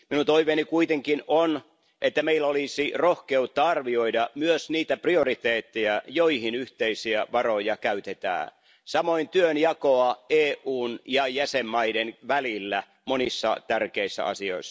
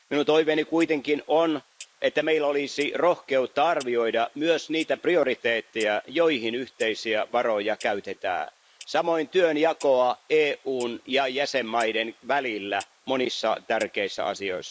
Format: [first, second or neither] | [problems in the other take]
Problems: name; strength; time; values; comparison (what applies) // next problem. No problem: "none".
first | noise reduction (neural mask model Resemble Enhance denoiser)